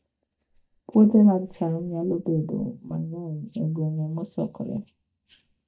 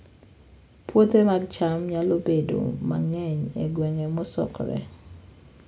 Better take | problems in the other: second | noise reduction (neural mask model DeepFilterNet 3)

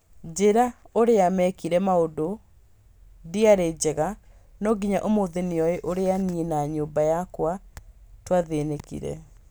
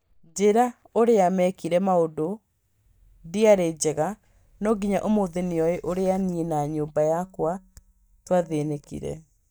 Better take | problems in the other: first | noise reduction (neural mask model DeepFilterNet 3)

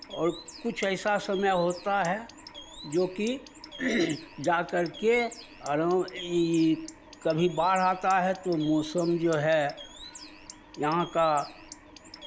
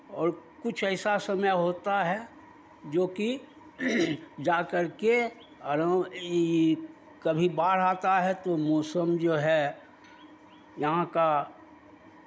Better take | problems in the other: second | background sound (Bird); 19 dB below the speech

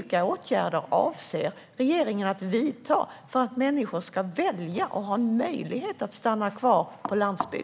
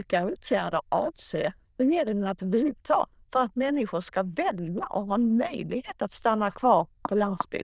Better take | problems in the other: first | noise reduction (neural diffusion model UNIVERSE++)

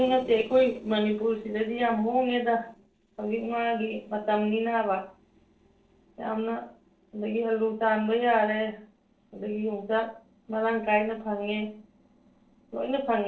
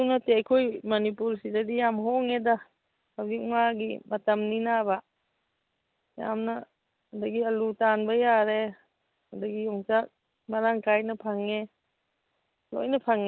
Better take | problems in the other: second | noise reduction (neural separator model SepFormer DNS4)

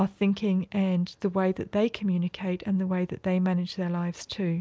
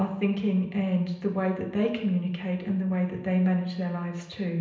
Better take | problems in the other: first | room echo; dies away in 0.8 s

